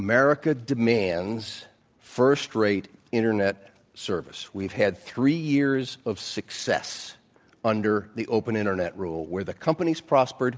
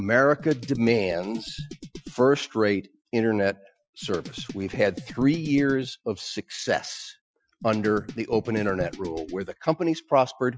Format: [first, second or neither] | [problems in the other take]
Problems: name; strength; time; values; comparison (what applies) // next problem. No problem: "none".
first | noise reduction (classical method Wiener filter)